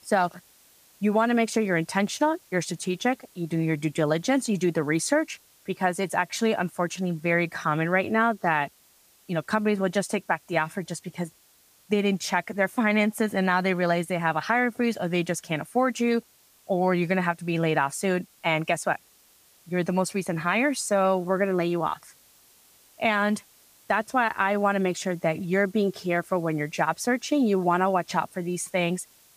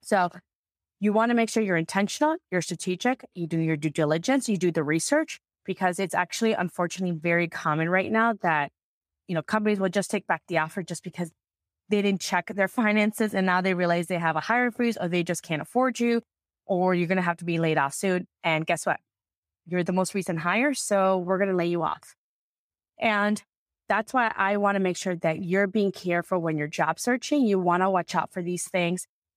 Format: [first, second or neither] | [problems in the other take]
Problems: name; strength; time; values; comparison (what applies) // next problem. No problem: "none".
second | hiss; faint; throughout; 30 dB below the speech